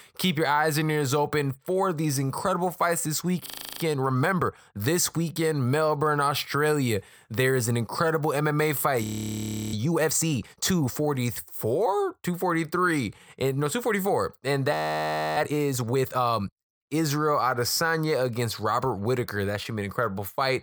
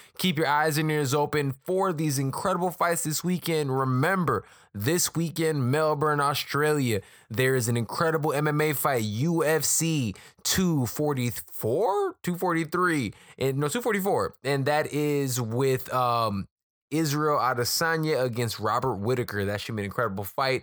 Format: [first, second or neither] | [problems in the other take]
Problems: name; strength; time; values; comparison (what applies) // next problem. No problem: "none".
second | audio freezing; at 3.5 s, at 9 s for 0.5 s and at 15 s for 0.5 s